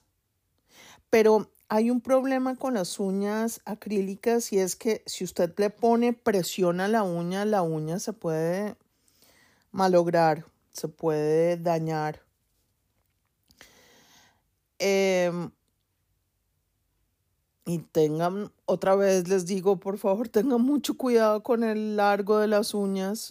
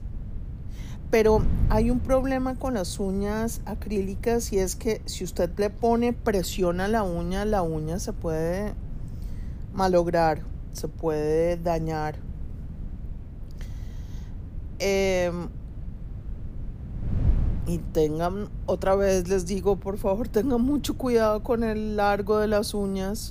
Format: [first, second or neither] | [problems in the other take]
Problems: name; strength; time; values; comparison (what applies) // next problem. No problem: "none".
first | wind noise on the microphone; occasional gusts; 20 dB below the speech